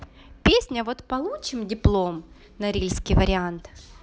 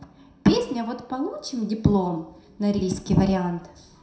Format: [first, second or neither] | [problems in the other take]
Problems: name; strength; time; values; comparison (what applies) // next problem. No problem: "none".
first | room echo; dies away in 0.7 s